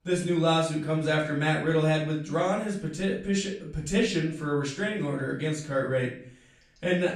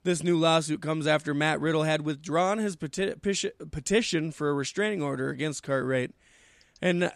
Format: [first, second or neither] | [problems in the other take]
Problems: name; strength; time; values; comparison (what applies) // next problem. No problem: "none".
second | off-mic speech; far // room echo; slight; dies away in 0.4 s